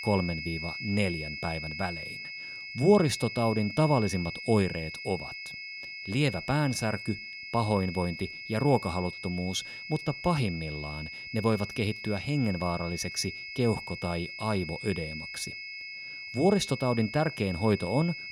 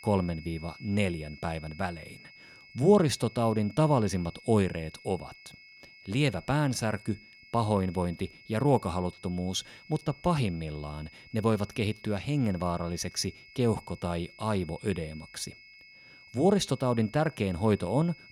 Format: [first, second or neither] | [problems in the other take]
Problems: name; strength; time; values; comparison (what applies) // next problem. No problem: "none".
second | high-pitched whine; loud; throughout; 2 kHz, 8 dB below the speech; faint in the second